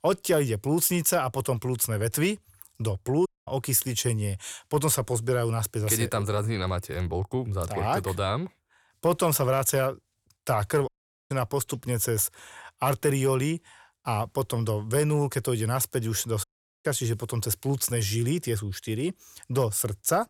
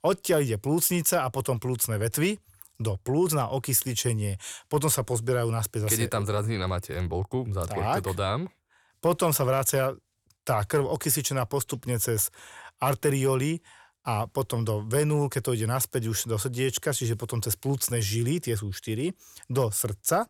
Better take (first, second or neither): second